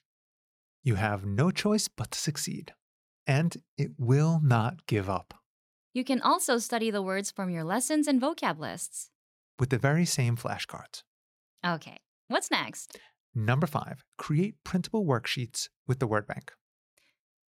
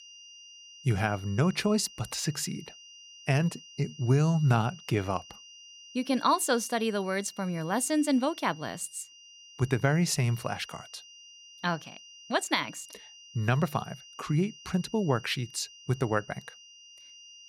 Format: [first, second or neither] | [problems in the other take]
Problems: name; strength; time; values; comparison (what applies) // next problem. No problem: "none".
first | high-pitched whine; noticeable; throughout; 3 kHz, 20 dB below the speech